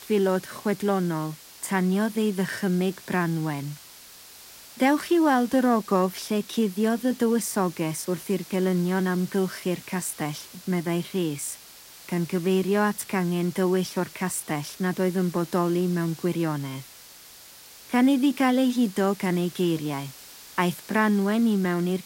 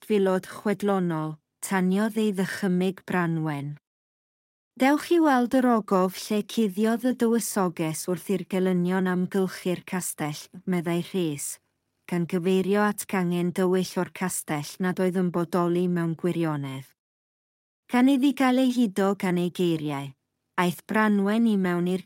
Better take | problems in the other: second | hiss; noticeable; throughout; 20 dB below the speech

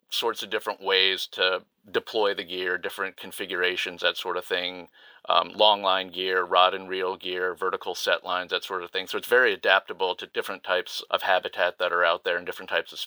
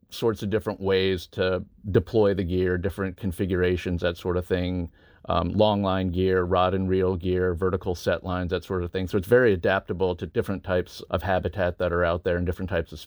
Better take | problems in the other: second | thin; very; fading below 750 Hz

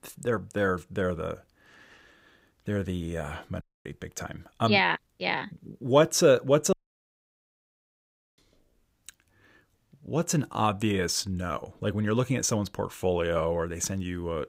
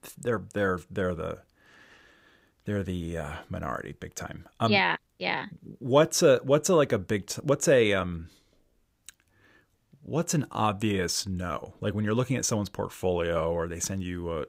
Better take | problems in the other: second | audio cutting out; at 3.5 s and at 6.5 s for 1.5 s

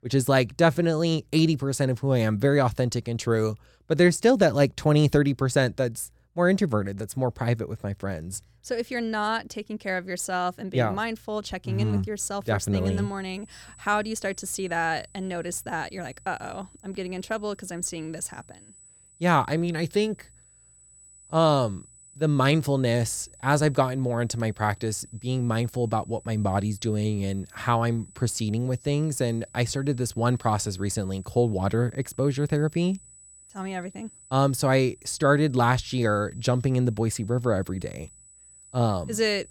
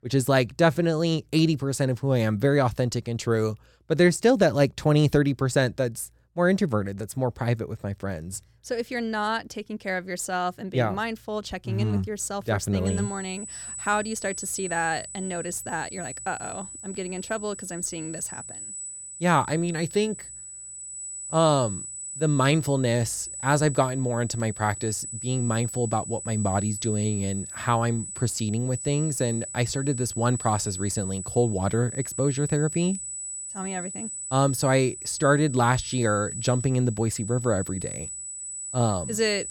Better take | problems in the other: first | high-pitched whine; loud; from 13 s on; 8 kHz, 8 dB below the speech; faint in the first

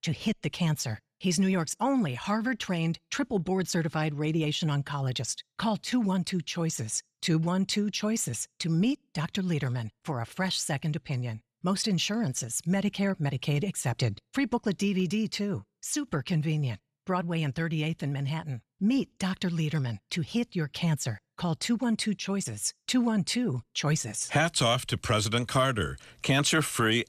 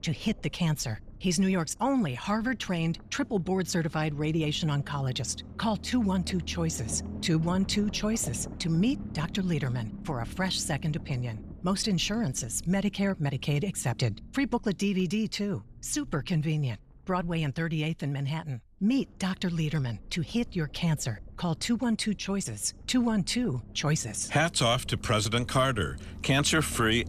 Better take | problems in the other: first | low rumble; faint; throughout; 20 dB below the speech

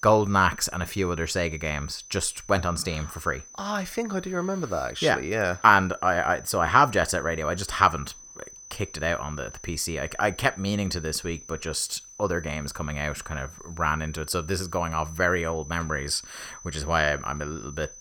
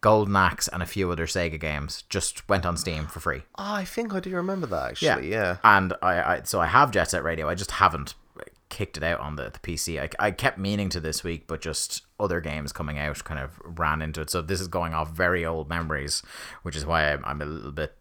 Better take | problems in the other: second | high-pitched whine; noticeable; throughout; 6 kHz, 20 dB below the speech

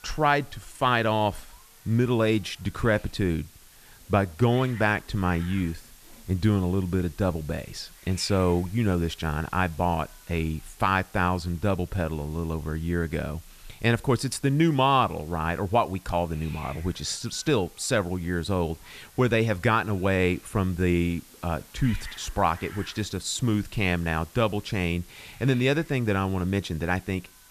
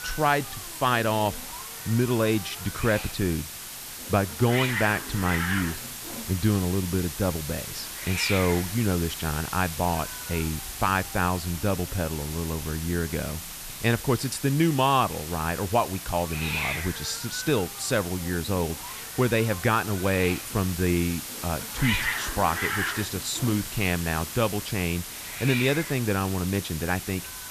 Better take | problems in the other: first | hiss; loud; throughout; 6 dB below the speech; faint in the first

